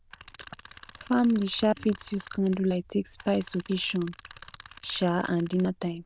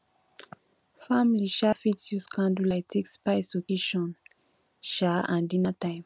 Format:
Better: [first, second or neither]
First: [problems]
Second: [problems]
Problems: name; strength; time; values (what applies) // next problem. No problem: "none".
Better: second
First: noise reduction (neural diffusion model UNIVERSE++)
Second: none